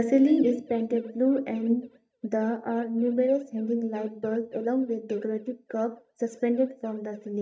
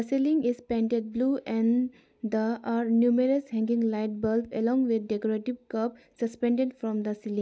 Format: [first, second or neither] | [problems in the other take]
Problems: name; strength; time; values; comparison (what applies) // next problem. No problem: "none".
second | noise reduction (neural mask model DeepFilterNet 3)